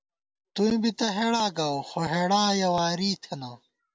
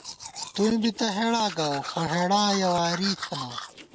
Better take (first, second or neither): first